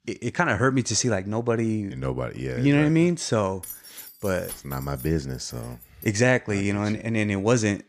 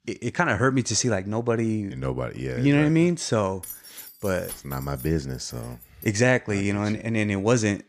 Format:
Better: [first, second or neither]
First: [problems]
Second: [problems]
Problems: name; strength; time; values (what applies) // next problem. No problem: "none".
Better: neither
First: jangling keys; faint; from 3.5 to 6 s; peak 15 dB below the speech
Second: jangling keys; faint; from 3.5 to 6 s; peak 15 dB below the speech